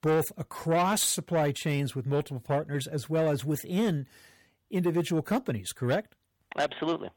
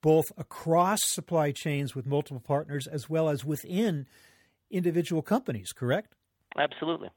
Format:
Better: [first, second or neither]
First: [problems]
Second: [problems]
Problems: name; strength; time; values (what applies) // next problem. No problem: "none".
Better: second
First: distortion; slight; 10 dB below the speech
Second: none